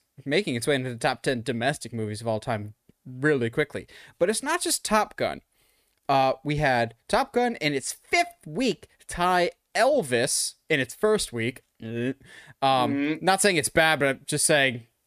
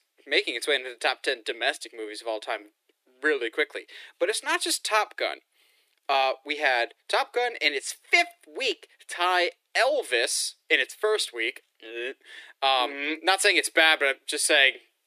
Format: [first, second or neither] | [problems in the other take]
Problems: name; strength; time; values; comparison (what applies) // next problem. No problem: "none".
first | thin; very; fading below 300 Hz